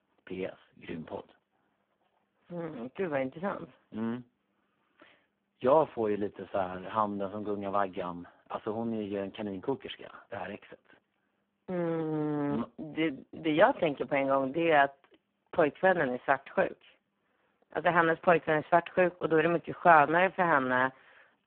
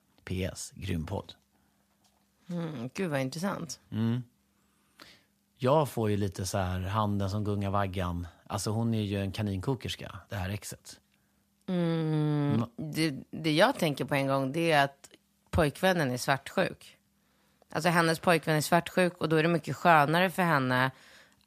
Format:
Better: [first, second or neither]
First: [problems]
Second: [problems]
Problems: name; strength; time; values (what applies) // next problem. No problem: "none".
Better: second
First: phone-call audio; poor line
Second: none